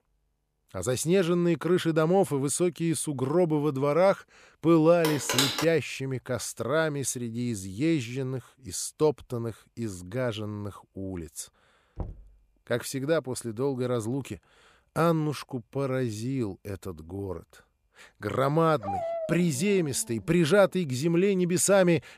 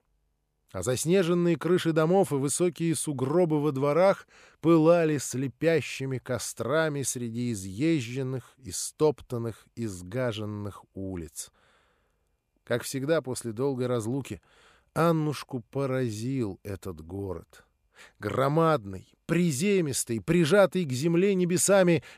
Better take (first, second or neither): second